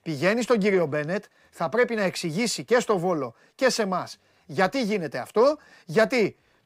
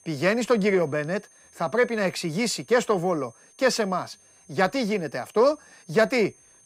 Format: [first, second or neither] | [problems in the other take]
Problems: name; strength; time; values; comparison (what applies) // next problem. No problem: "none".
first | high-pitched whine; faint; throughout; 6.5 kHz, 30 dB below the speech